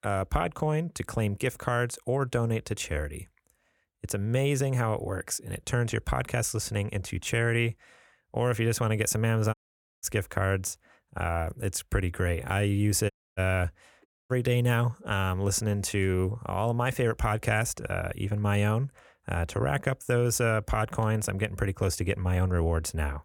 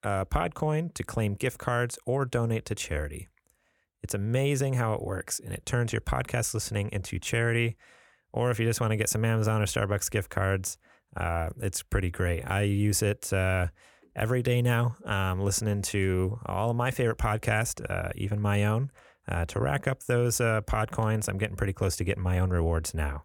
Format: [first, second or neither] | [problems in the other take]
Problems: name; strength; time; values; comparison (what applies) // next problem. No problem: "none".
second | audio cutting out; at 9.5 s, at 13 s and at 14 s